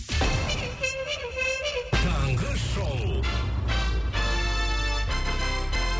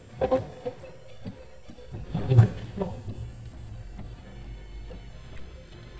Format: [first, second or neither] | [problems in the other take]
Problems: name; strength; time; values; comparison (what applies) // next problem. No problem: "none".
first | noise reduction (neural mask model DeepFilterNet 3)